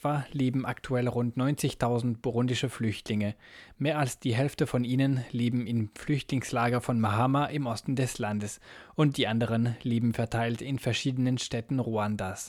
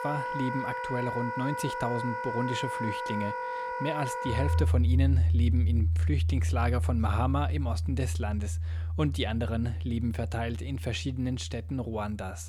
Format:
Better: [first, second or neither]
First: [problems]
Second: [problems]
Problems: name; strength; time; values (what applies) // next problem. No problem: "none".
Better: first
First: none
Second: background music; very loud; throughout; 2 dB above the speech